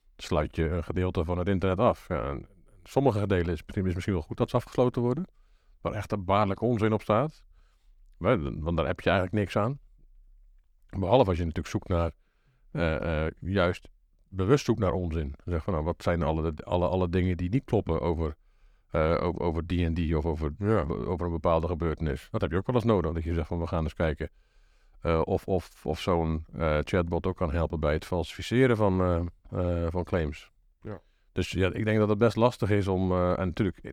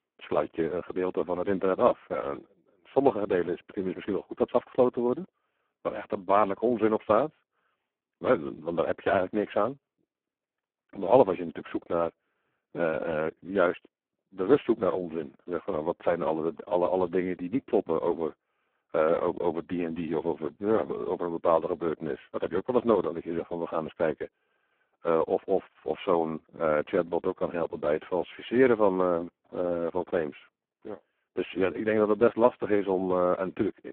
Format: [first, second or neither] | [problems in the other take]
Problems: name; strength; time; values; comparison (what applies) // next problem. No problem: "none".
first | phone-call audio; poor line